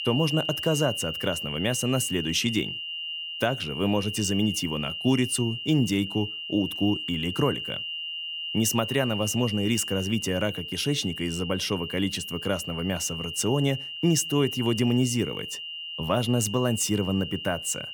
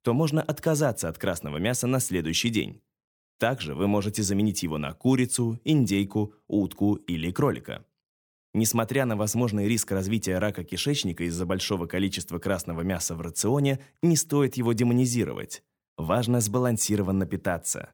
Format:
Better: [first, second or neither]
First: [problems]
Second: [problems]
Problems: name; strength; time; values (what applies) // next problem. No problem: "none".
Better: second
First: high-pitched whine; loud; throughout; 3 kHz, 6 dB below the speech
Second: none